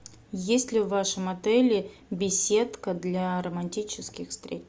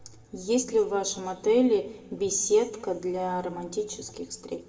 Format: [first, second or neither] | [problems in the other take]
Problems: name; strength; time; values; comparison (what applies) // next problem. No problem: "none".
first | room echo; dies away in 1.1 s